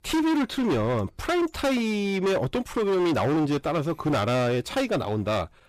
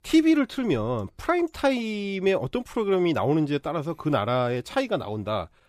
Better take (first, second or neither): second